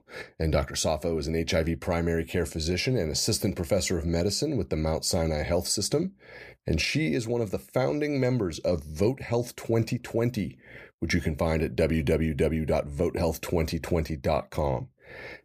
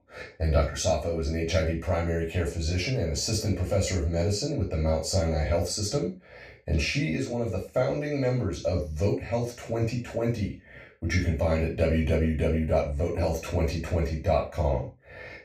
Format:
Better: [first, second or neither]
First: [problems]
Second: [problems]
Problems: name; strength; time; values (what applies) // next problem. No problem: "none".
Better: first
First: none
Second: room echo; noticeable; dies away in 0.3 s // off-mic speech; far